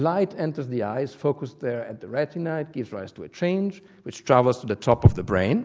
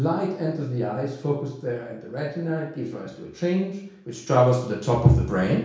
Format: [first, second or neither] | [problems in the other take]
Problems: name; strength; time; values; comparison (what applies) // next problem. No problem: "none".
first | room echo; dies away in 0.6 s